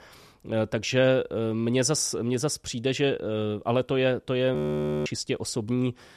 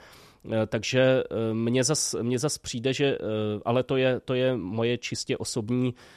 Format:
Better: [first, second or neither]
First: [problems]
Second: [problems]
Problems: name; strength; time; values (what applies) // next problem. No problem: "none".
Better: second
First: audio freezing; at 4.5 s for 0.5 s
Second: none